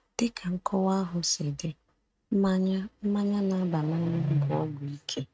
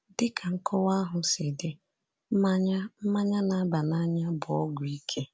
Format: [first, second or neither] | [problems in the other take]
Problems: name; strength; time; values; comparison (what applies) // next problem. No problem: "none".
second | noise reduction (neural mask model RNNoise)